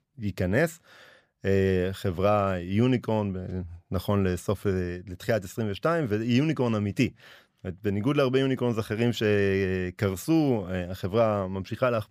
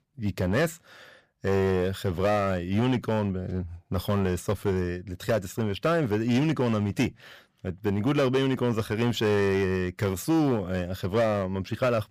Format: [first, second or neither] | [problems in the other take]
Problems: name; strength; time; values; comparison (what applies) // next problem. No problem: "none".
first | distortion; slight; 9% of the sound clipped